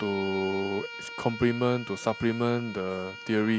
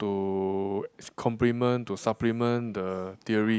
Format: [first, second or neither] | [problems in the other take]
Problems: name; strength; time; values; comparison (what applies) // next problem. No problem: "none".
second | background sound (Bowed string instrument); 12 dB below the speech